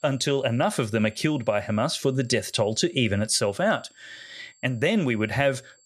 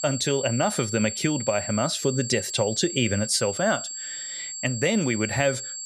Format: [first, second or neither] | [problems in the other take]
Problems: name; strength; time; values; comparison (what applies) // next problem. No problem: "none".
first | high-pitched whine; loud; throughout; 7.5 kHz, 6 dB below the speech; faint in the first